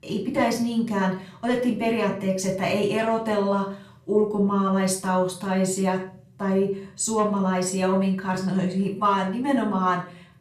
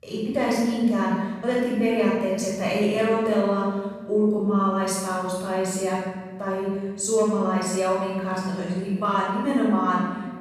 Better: first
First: room echo; slight; dies away in 0.4 s // off-mic speech; far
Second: room echo; strong; dies away in 1.3 s // off-mic speech; far

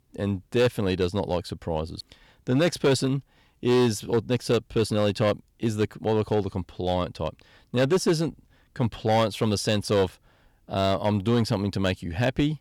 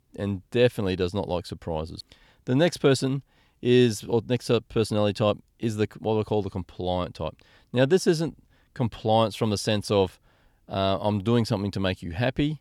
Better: second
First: distortion; slight; 5% of the sound clipped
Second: none

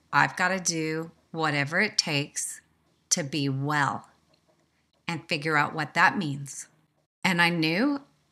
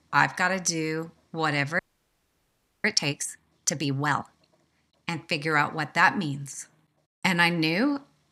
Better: first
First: none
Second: audio freezing; at 2 s for 1 s

